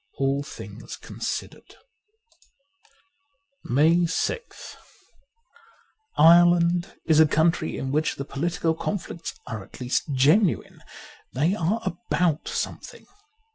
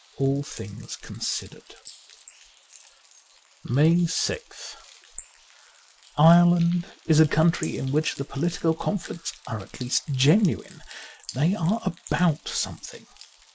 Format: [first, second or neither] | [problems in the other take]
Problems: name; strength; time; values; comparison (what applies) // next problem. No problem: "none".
first | noise reduction (neural mask model Resemble Enhance denoiser)